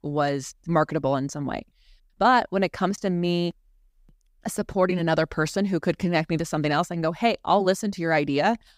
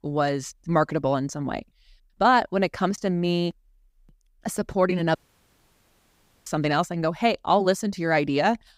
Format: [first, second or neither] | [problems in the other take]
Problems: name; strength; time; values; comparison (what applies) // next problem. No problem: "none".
first | audio cutting out; at 5 s for 1.5 s